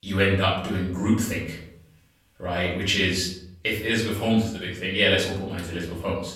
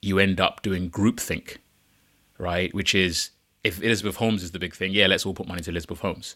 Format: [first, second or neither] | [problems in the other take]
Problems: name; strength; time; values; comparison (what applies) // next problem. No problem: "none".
second | room echo; noticeable; dies away in 0.6 s // off-mic speech; far